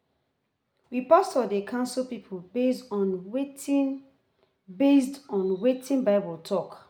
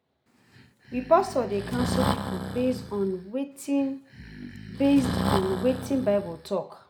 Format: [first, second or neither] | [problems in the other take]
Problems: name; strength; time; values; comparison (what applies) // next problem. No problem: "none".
first | background sound (Breathing); 5 dB below the speech